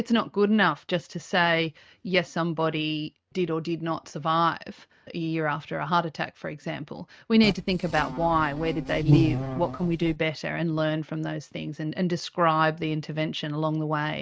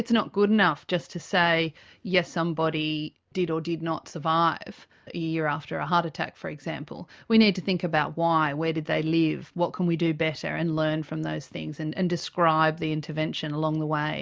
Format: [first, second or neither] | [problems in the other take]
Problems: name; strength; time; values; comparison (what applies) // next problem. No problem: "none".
second | noise reduction (neural mask model RNNoise)